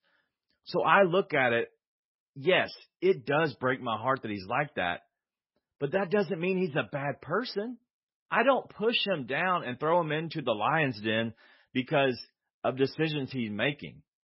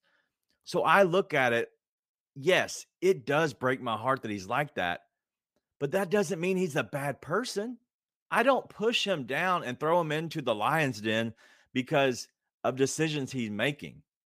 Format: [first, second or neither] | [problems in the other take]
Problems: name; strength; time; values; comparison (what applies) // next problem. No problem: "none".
second | garbled, watery; badly; nothing above 5.5 kHz